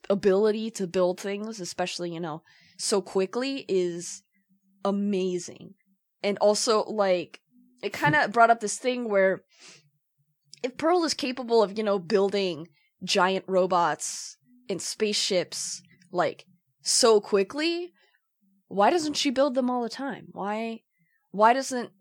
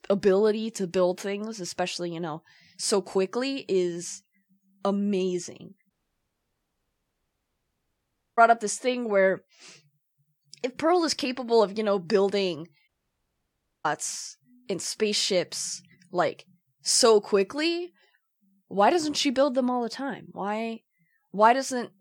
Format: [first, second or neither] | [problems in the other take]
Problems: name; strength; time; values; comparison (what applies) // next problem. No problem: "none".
first | audio cutting out; at 6 s for 2.5 s and at 13 s for 1 s